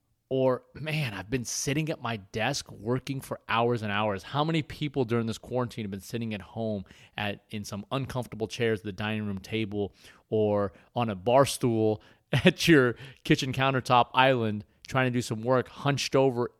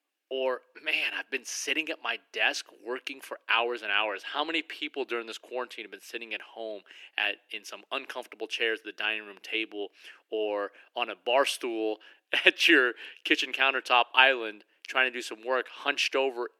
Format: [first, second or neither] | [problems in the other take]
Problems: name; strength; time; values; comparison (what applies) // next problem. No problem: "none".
first | thin; very; fading below 300 Hz